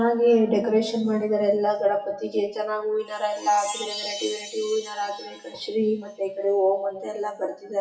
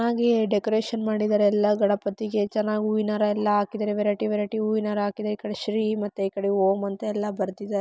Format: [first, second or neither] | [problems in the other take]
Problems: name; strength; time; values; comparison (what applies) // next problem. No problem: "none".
second | noise reduction (classical method WPE with log-MMSE)